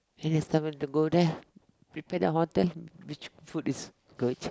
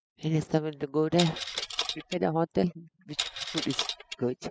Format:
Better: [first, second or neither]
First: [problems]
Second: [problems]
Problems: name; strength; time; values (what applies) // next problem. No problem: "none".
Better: first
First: none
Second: noise reduction (classical method spectral subtraction)